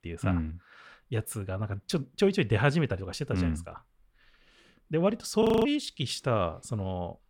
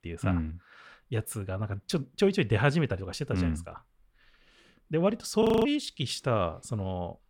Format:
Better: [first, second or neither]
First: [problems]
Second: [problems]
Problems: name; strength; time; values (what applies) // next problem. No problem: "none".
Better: neither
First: audio freezing; at 5.5 s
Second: audio freezing; at 5.5 s